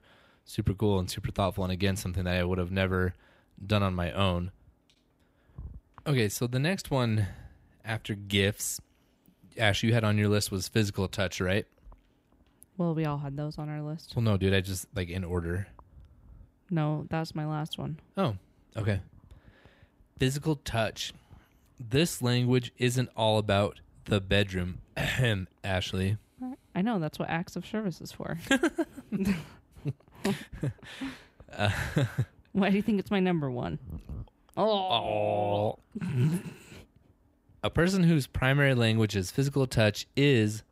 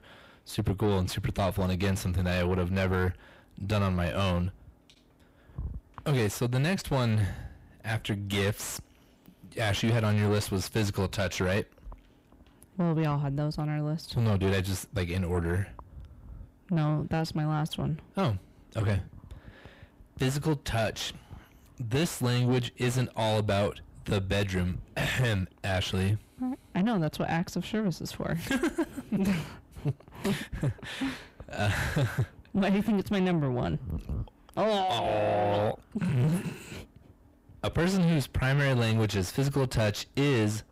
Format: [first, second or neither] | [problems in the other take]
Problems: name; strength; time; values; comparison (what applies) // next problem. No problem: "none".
first | distortion; heavy; 7 dB below the speech